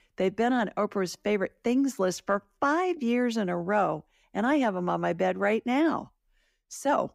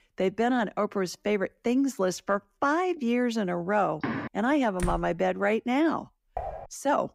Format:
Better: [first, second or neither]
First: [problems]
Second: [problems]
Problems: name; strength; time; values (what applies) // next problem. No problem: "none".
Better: first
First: none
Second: door banging; noticeable; at 4 s and at 5 s; peak 5 dB below the speech // clattering dishes; noticeable; at 6.5 s; peak 9 dB below the speech